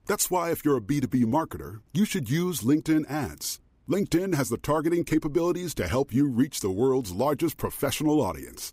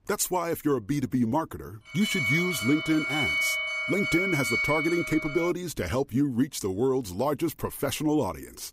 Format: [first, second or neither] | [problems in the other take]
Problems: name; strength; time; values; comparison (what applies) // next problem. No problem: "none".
first | alarm; loud; from 2 to 5.5 s; peak 4 dB above the speech